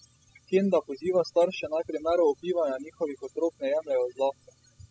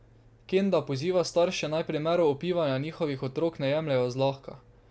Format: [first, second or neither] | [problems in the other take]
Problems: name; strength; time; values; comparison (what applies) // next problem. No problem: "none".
second | noise reduction (classical method spectral subtraction)